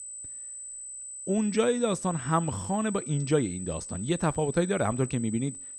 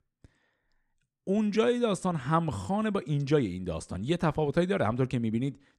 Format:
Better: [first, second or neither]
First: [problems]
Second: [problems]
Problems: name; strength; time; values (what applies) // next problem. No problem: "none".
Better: second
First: high-pitched whine; loud; throughout; 8 kHz, 9 dB below the speech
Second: none